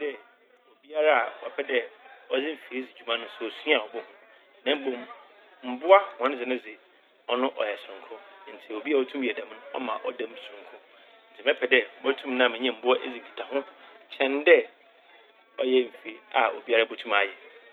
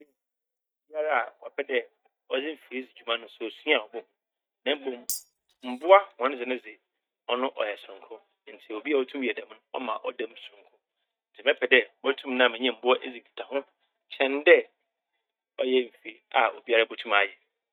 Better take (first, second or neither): first